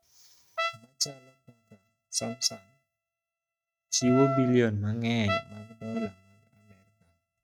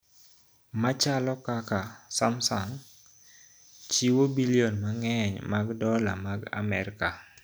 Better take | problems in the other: second | noise reduction (neural mask model RNNoise)

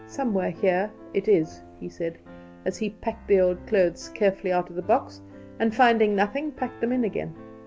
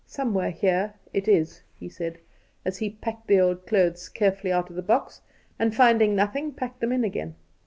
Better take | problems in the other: second | background sound (Piano); 19 dB below the speech

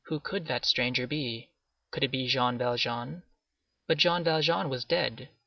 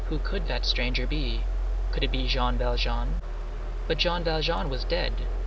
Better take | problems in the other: first | background sound (Mechanisms); 4 dB above the speech

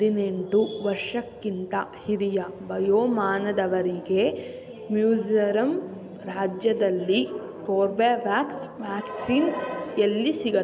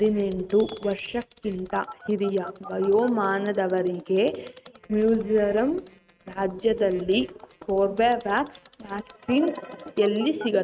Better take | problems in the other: first | noise reduction (neural mask model RNNoise)

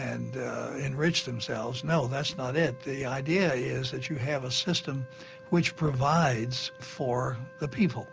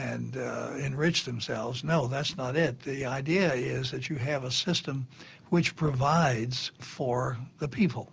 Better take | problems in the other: second | background sound (Wind instrument, woodwind instrument); 19 dB below the speech

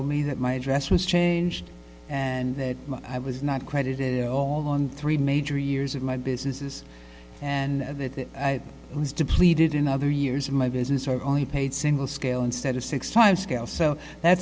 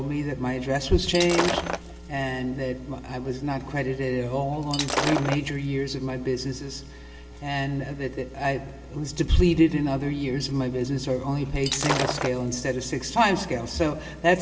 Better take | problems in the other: first | background sound (Shatter); 4 dB below the speech // room echo; dies away in 2.2 s

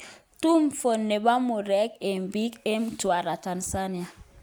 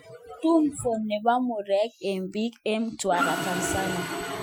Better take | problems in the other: first | noise reduction (classical method Wiener filter)

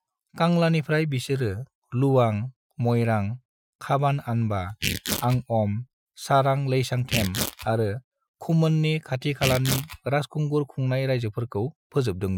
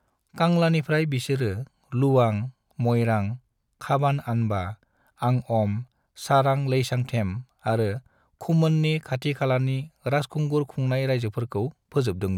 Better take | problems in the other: second | noise reduction (classical method Wiener filter)

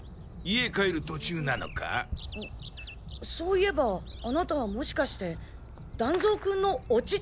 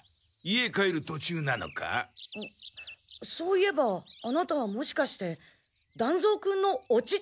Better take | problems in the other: second | background sound (Fireworks); 11 dB below the speech

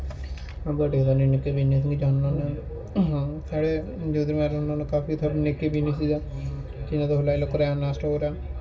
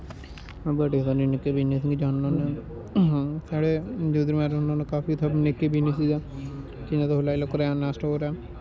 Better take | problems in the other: second | room echo; dies away in 0.2 s

